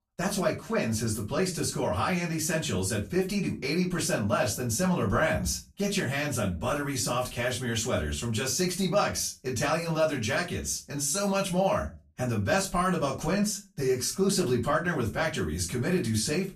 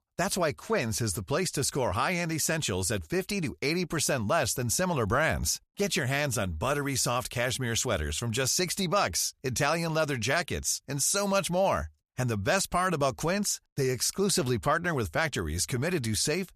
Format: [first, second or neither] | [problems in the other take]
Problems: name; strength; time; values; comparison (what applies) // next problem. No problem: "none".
second | off-mic speech; far // room echo; very slight; dies away in 0.3 s